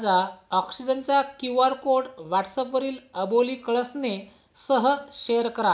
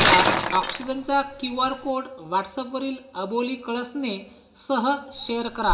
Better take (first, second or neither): first